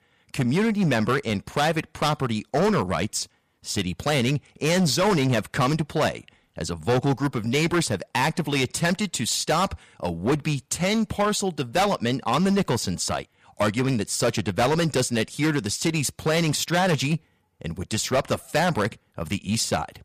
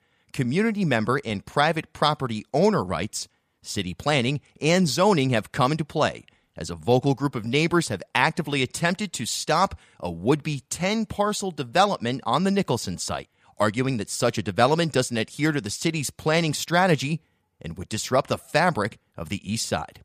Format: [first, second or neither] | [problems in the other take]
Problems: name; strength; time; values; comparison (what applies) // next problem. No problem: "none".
second | distortion; heavy; 10% of the sound clipped